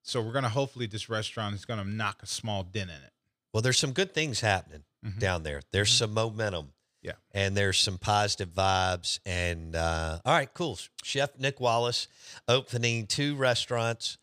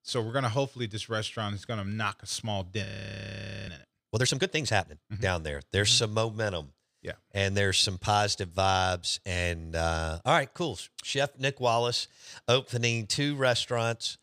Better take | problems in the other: first | audio freezing; at 3 s for 1 s

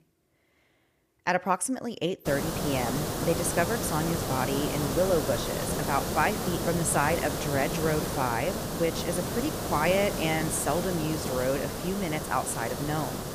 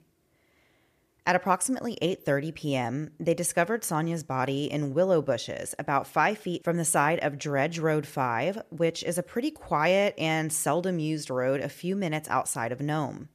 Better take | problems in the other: second | hiss; loud; from 2.5 s on; 2 dB below the speech

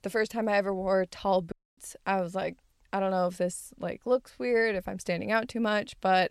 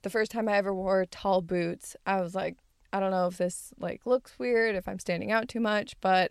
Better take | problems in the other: second | audio cutting out; at 1.5 s

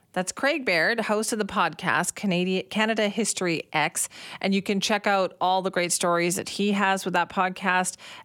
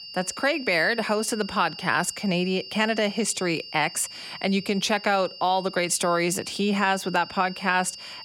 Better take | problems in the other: first | high-pitched whine; noticeable; throughout; 4.5 kHz, 15 dB below the speech

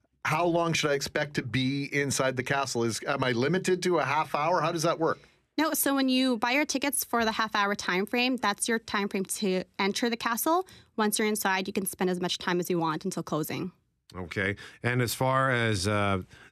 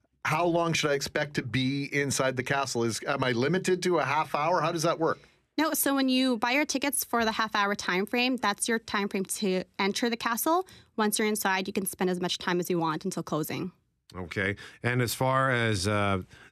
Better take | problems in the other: neither | none

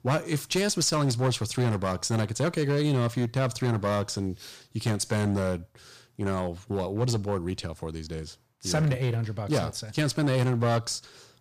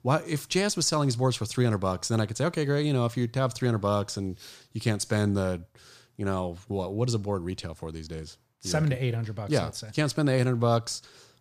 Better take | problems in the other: second | distortion; slight; 8% of the sound clipped

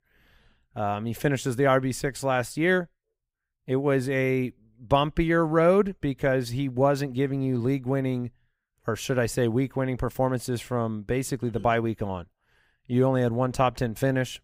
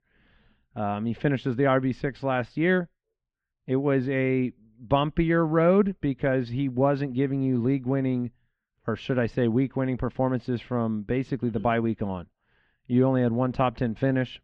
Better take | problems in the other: first | muffled; slightly; fading above 3.5 kHz

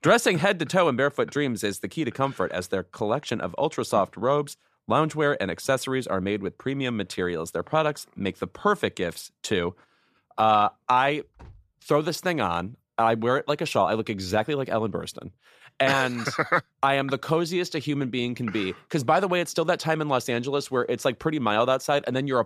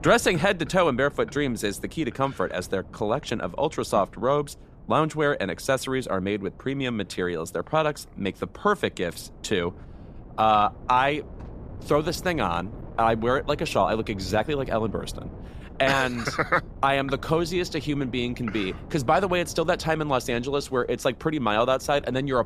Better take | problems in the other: first | wind noise on the microphone; occasional gusts; 25 dB below the speech

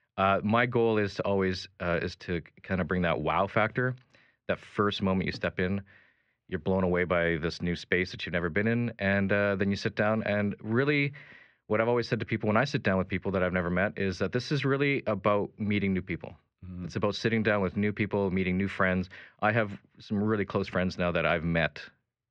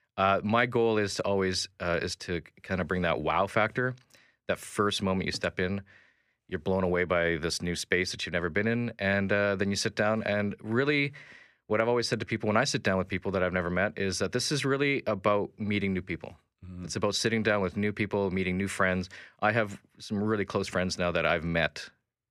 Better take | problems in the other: second | muffled; slightly; fading above 4 kHz

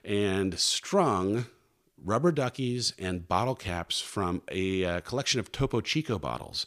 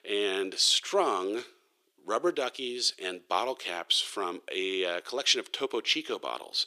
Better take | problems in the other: first | thin; somewhat; fading below 350 Hz

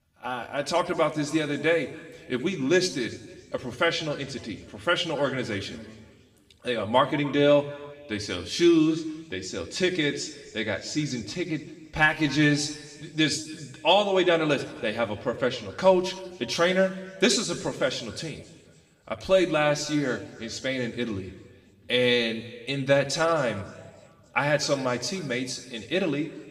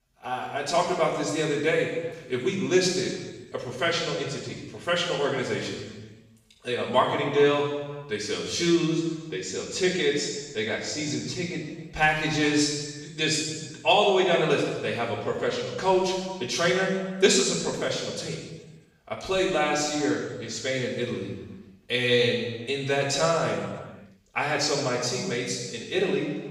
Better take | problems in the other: first | room echo; strong; dies away in 1.2 s; slight in the first // off-mic speech; far; somewhat distant in the first

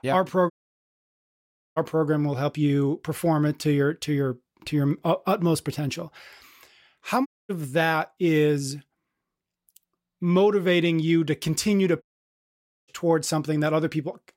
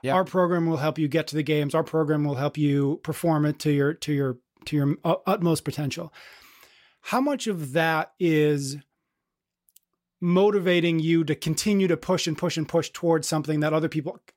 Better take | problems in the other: second | audio cutting out; at 0.5 s for 1.5 s, at 7.5 s and at 12 s for 1 s

